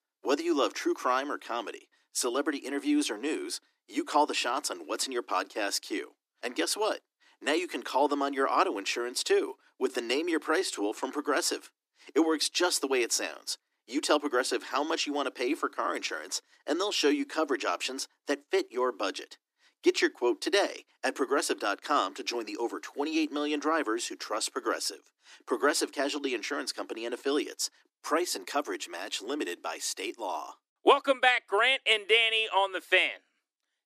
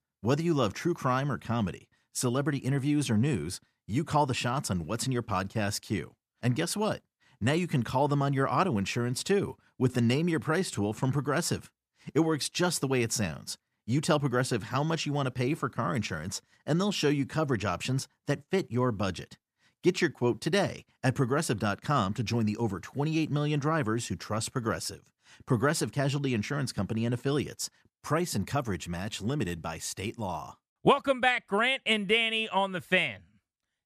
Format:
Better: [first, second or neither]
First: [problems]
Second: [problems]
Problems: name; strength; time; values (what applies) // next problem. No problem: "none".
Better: second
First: thin; somewhat; fading below 300 Hz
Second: none